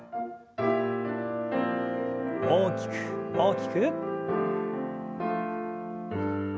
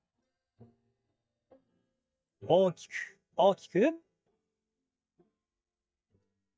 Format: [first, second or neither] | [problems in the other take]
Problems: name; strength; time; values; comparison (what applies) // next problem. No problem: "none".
first | noise reduction (neural mask model DeepFilterNet 3)